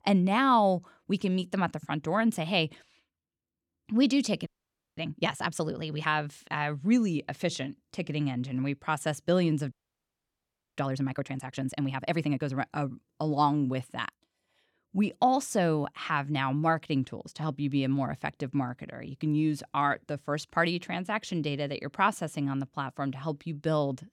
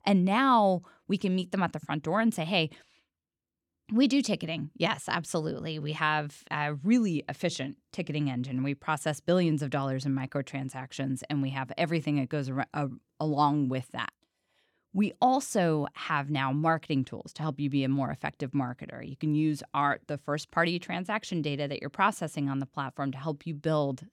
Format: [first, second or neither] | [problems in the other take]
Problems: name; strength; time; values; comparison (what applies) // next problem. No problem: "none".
second | audio freezing; at 4.5 s for 0.5 s and at 9.5 s for 1 s